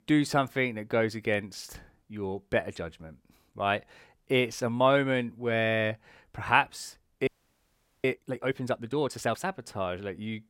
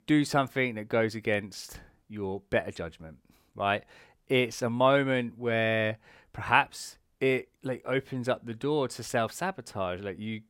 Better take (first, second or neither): second